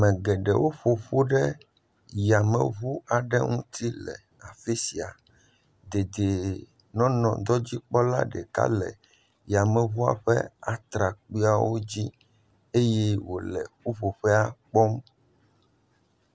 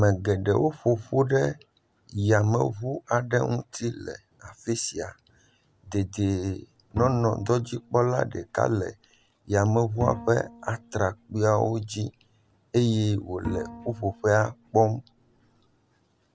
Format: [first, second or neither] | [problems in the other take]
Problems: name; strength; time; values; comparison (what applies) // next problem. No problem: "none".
first | background sound (Bowed string instrument); 14 dB below the speech